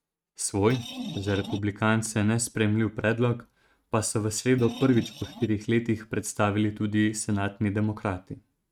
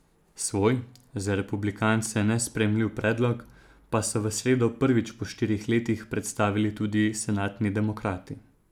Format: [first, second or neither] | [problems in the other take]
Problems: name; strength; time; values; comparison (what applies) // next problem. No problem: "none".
second | noise reduction (neural mask model RNNoise)